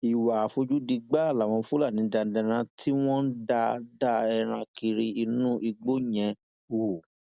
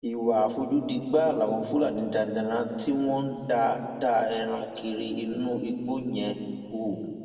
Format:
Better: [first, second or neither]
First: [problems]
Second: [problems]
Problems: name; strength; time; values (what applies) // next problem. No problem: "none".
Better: first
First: none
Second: room echo; dies away in 2 s